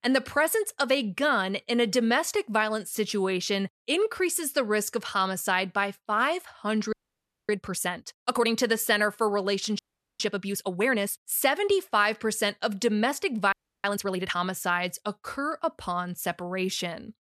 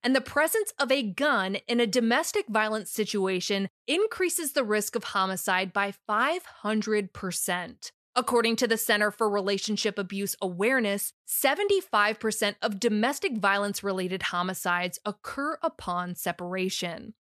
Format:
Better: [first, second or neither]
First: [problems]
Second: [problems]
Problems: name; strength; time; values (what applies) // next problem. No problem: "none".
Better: second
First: audio freezing; at 7 s for 0.5 s, at 10 s and at 14 s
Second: none